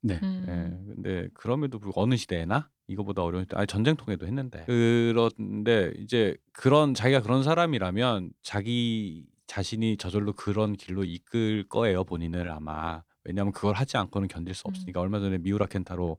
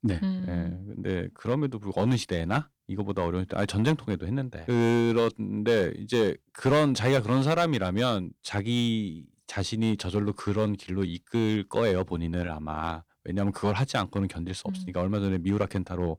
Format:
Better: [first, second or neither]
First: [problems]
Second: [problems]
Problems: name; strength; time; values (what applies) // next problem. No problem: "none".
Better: first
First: none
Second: distortion; slight; 3% of the sound clipped